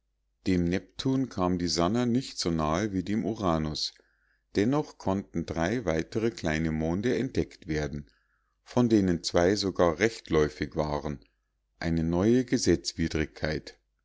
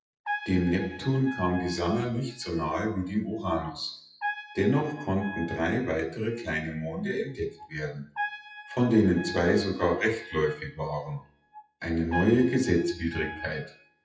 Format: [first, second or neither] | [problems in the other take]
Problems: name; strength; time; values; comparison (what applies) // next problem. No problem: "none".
first | noise reduction (classical method WPE with log-MMSE)